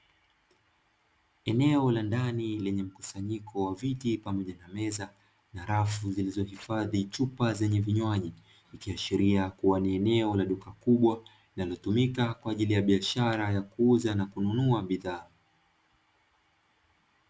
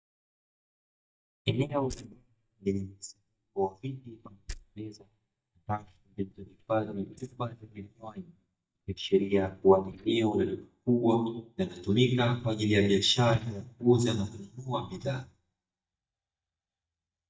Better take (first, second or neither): first